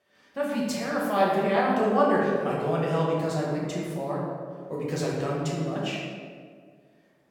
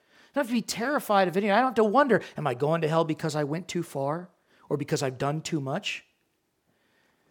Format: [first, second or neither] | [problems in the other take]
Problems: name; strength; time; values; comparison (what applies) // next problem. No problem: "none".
second | room echo; noticeable; dies away in 1.5 s // off-mic speech; far